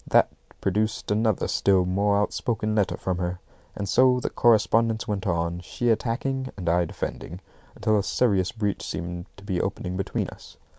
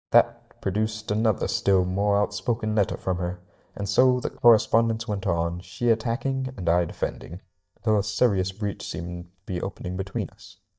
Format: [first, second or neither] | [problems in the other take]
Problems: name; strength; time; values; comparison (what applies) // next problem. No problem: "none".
first | noise reduction (neural mask model DeepFilterNet 3)